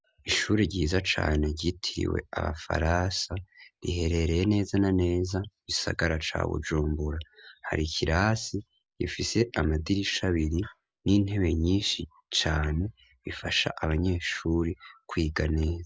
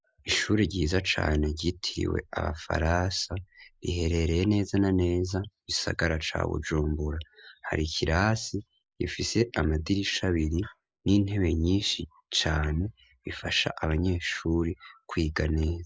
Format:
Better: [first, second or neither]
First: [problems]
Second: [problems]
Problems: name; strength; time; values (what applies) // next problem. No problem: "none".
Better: first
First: none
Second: noise reduction (neural mask model Resemble Enhance denoiser)